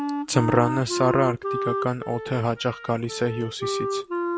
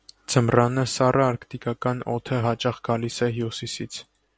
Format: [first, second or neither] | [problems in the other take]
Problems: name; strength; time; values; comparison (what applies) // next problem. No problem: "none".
second | background sound (Wind instrument, woodwind instrument); 4 dB below the speech